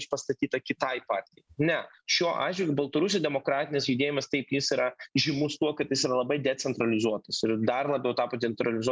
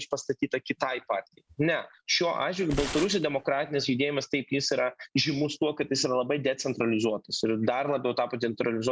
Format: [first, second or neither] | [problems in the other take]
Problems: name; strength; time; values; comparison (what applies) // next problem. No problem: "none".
first | background sound (Tearing); 10 dB below the speech